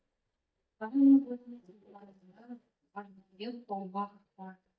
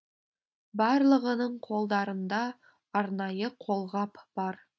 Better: second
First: noise reduction (neural mask model DeepFilterNet 3)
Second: none

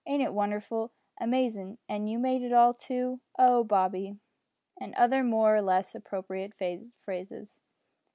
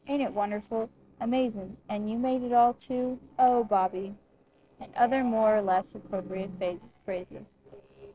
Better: first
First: none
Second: noise reduction (neural separator model SepFormer DNS4)

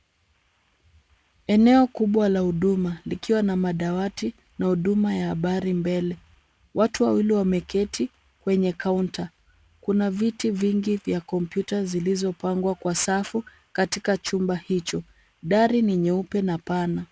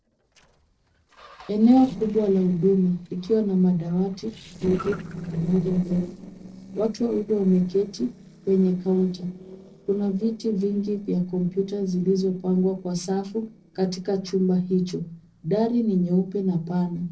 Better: first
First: none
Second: noise reduction (neural separator model SepFormer DNS4)

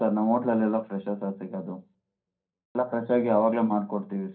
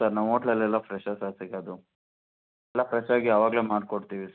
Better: second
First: room echo; dies away in 0.3 s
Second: none

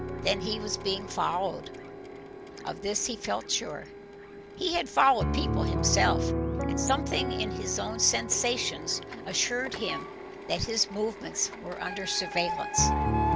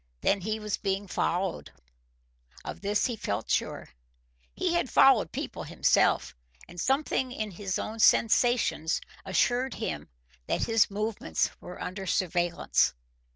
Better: second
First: background sound (Piano + Printer); 2 dB below the speech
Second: none

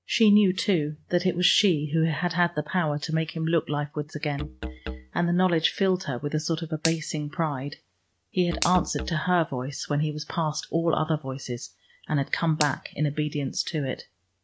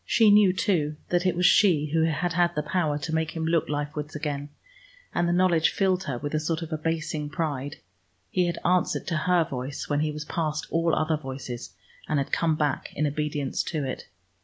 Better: second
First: noise reduction (neural mask model RNNoise)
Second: none

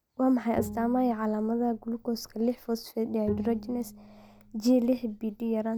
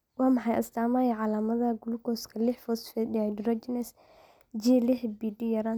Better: second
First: background sound (Bowed string instrument); 13 dB below the speech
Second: none

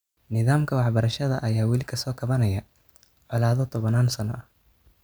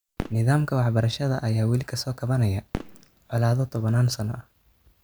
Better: first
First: none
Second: background sound (Fireworks); 17 dB below the speech

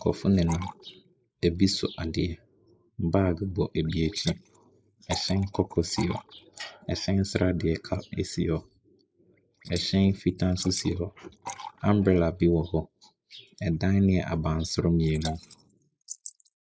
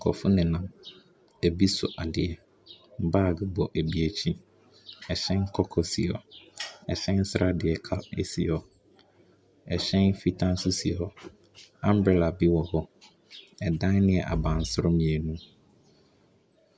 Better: second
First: noise reduction (neural mask model Resemble Enhance denoiser)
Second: none

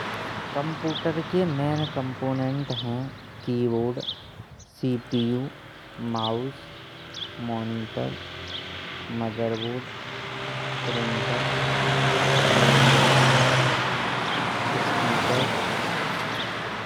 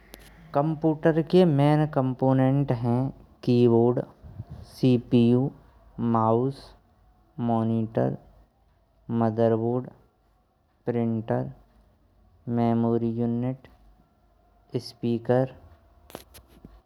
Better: second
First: background sound (Car passing by); 4 dB above the speech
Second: none

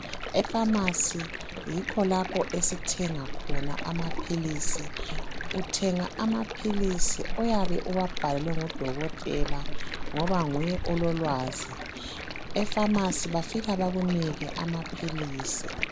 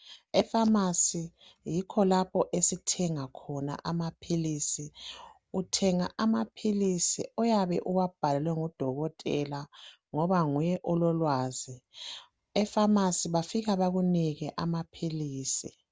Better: second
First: background sound (Stream); 1 dB below the speech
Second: none

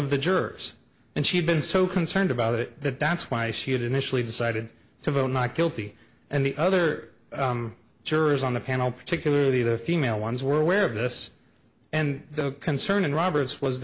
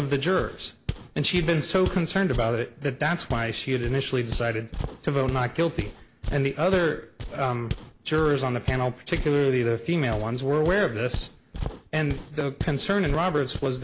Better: first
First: none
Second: background sound (Walk, footsteps); 10 dB below the speech

